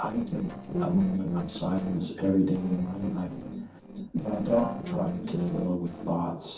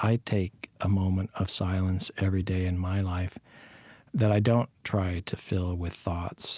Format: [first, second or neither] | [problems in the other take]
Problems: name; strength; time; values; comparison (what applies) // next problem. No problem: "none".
second | noise reduction (neural separator model SepFormer DNS4)